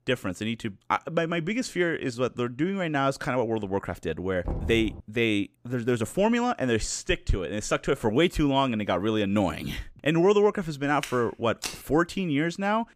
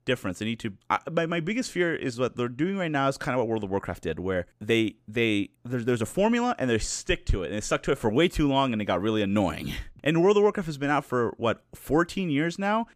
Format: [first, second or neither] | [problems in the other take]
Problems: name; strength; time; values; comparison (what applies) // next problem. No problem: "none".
second | door banging; noticeable; at 4.5 s; peak 7 dB below the speech // footsteps; noticeable; at 11 s; peak 8 dB below the speech